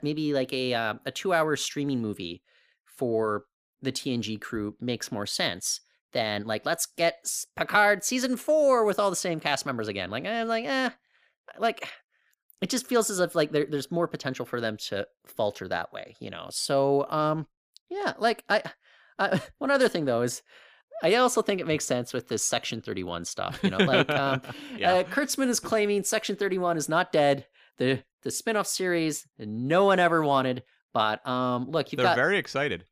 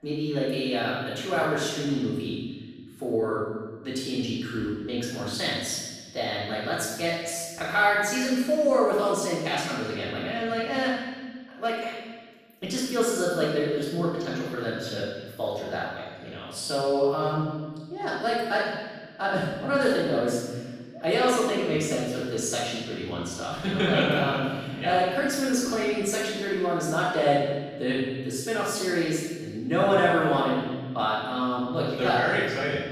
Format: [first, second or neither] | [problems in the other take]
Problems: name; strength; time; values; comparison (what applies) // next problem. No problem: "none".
first | off-mic speech; far // room echo; strong; dies away in 1.5 s